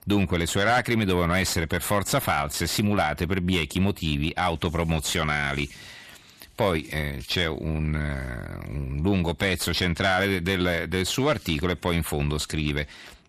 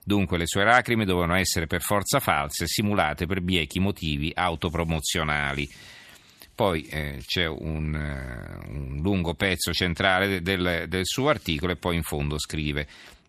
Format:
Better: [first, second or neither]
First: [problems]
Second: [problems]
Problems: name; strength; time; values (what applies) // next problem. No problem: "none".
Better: second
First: distortion; slight; 10 dB below the speech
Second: none